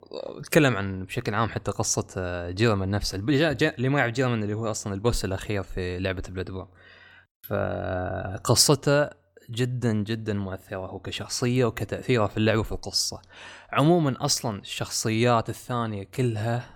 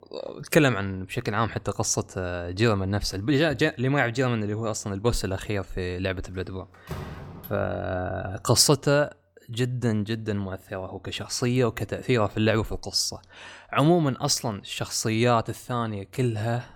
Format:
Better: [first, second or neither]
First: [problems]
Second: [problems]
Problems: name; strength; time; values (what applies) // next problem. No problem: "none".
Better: first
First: none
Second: door banging; faint; at 7 s; peak 10 dB below the speech